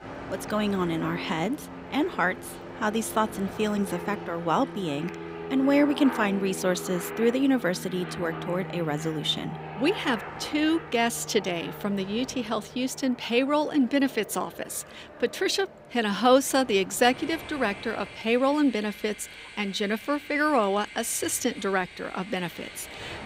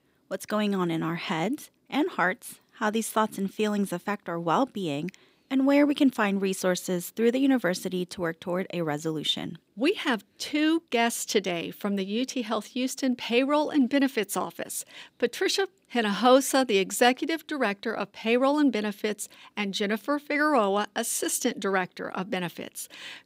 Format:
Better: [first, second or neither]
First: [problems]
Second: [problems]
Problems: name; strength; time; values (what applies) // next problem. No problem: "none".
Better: second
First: train or aircraft noise; noticeable; throughout; 15 dB below the speech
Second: none